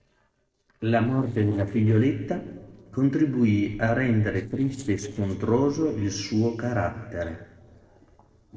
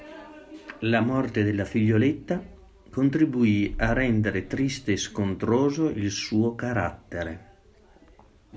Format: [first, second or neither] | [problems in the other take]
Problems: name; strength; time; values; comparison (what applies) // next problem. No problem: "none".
second | noise reduction (neural separator model SepFormer DNS4)